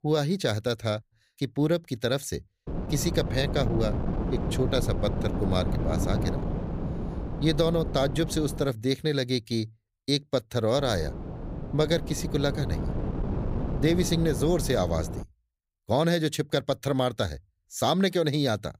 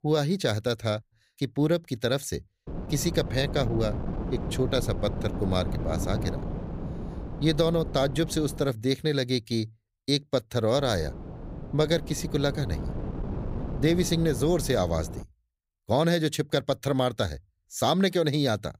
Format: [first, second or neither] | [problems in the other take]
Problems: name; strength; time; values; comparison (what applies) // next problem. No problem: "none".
second | wind noise on the microphone; heavy; from 2.5 to 8.5 s and from 11 to 15 s; 9 dB below the speech; occasional gusts in the second